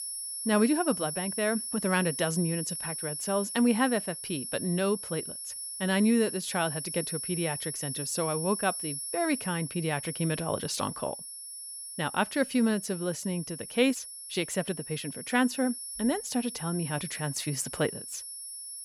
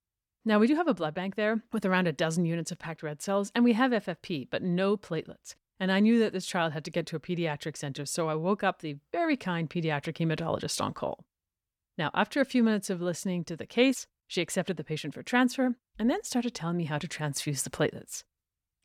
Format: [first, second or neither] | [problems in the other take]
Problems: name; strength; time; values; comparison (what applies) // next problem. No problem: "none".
second | high-pitched whine; loud; throughout; 10 kHz, 6 dB below the speech